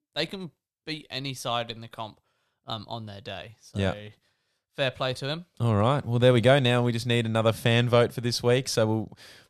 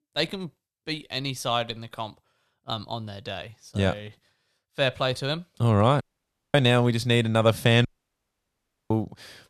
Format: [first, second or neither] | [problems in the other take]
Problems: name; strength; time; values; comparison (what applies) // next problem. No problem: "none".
first | audio cutting out; at 6 s for 0.5 s and at 8 s for 1 s